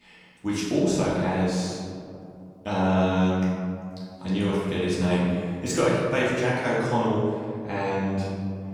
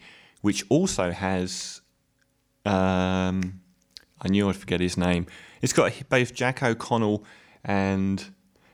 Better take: second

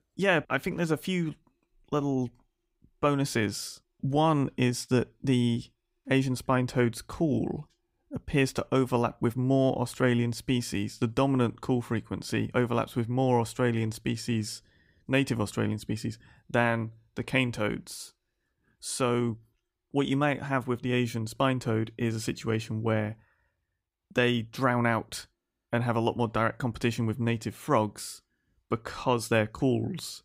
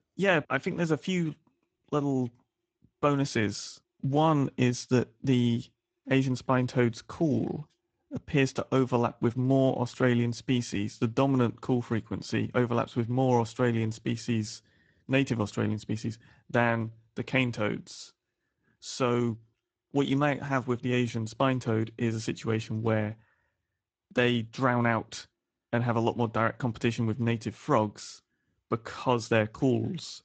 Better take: first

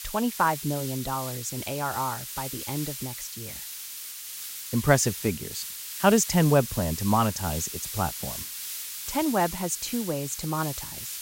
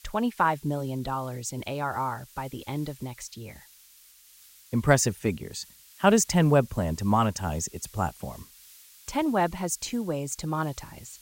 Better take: second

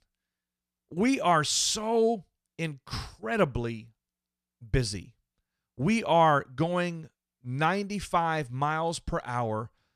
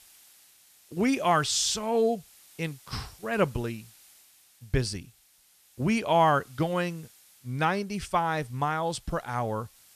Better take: first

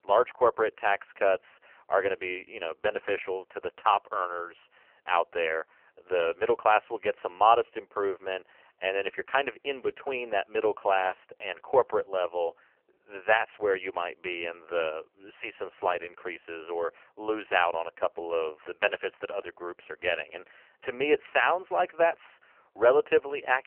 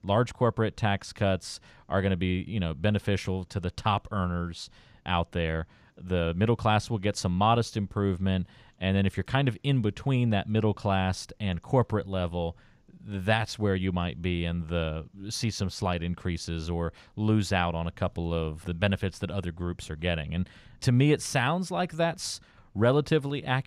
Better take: second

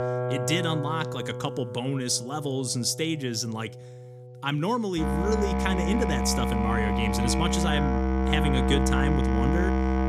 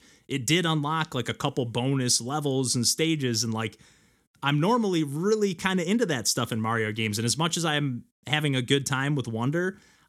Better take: second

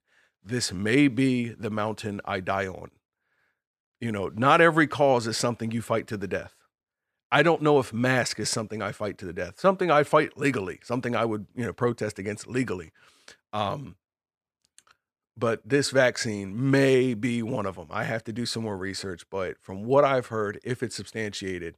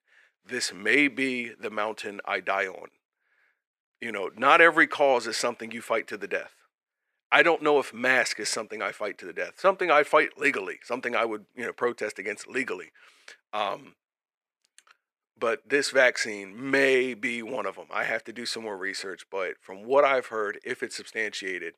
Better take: first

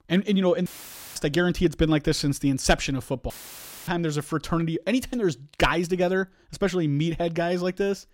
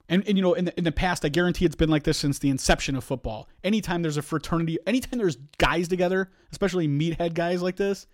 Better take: second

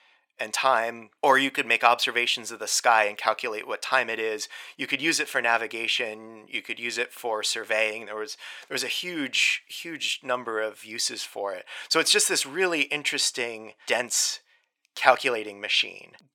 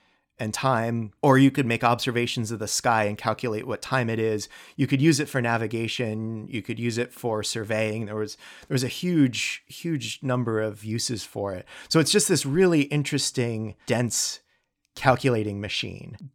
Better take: second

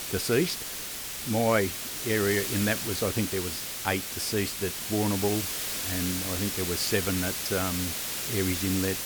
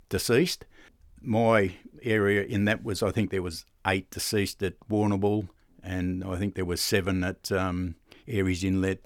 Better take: second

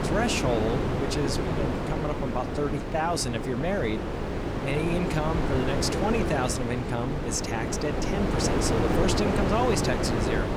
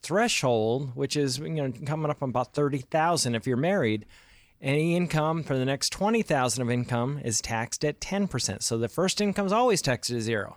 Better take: second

